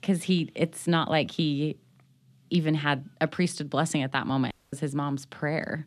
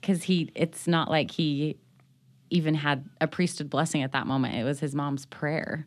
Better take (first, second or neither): second